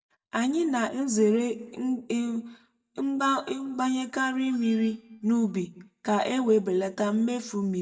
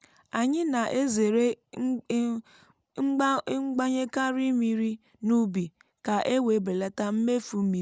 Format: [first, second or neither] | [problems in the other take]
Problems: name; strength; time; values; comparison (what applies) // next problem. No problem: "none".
second | noise reduction (neural mask model DeepFilterNet 3)